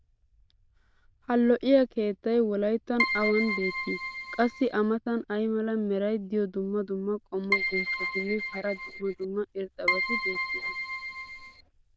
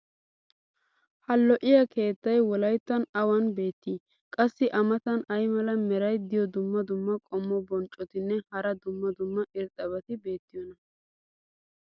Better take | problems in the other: second | noise reduction (neural diffusion model UNIVERSE++)

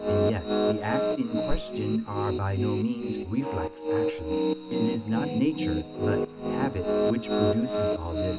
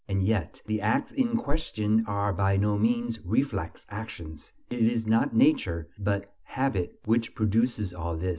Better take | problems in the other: second | background sound (Piano); 2 dB above the speech

